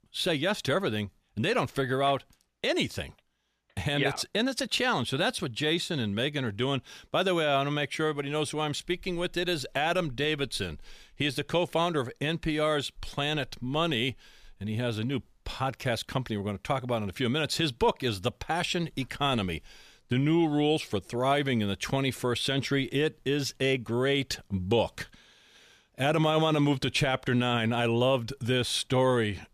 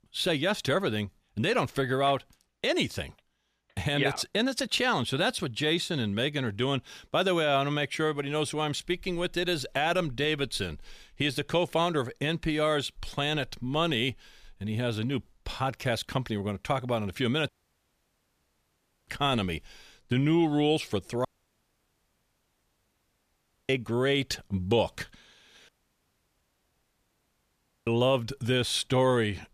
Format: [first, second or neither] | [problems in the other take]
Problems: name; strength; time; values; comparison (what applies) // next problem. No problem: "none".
first | audio cutting out; at 17 s for 1.5 s, at 21 s for 2.5 s and at 26 s for 2 s